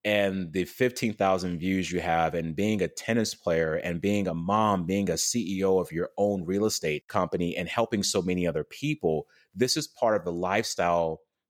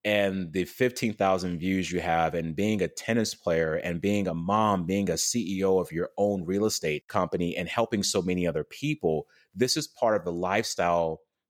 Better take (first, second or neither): neither